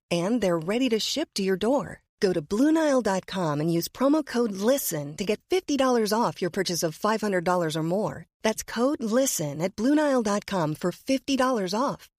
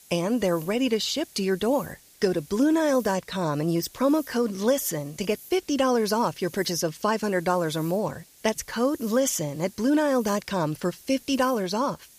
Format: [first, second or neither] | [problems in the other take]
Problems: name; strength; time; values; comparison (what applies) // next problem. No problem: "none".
first | hiss; faint; throughout; 20 dB below the speech